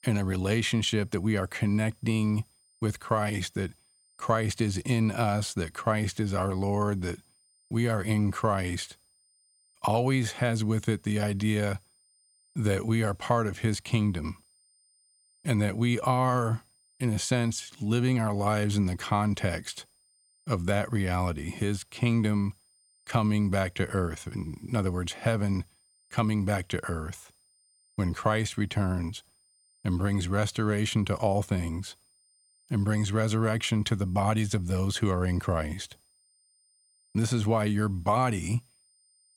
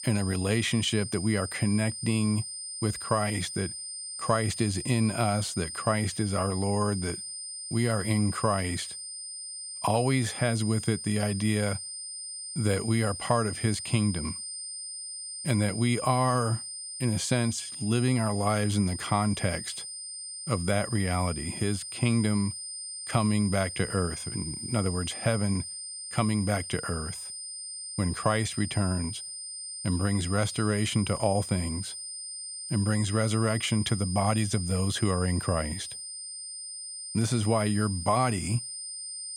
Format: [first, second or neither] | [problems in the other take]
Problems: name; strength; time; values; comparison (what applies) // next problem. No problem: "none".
first | high-pitched whine; loud; throughout; 9 kHz, 7 dB below the speech; faint in the first